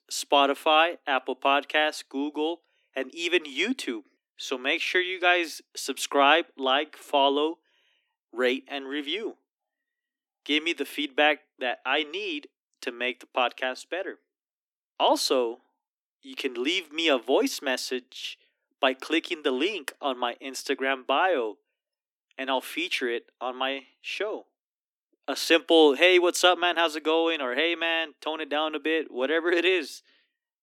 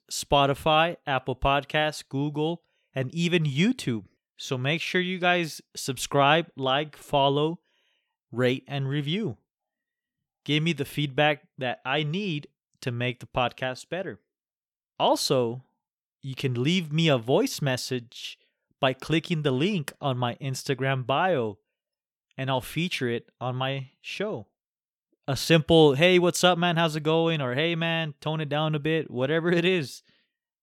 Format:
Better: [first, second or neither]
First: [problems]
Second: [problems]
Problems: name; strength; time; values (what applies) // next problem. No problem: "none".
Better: second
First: thin; somewhat; fading below 250 Hz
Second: none